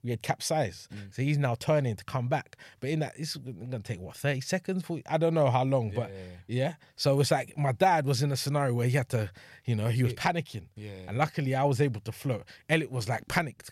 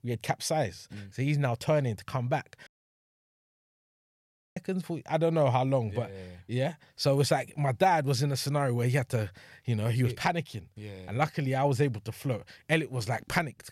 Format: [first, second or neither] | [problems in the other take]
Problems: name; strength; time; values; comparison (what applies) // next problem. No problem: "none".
first | audio cutting out; at 2.5 s for 2 s